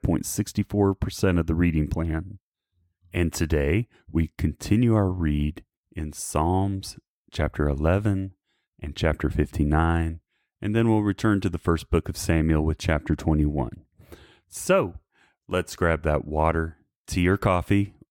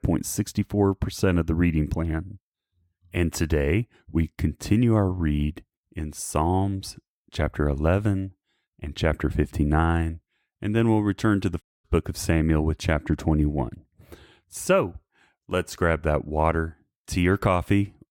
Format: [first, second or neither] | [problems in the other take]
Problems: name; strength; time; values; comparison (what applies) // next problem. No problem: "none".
first | audio cutting out; at 12 s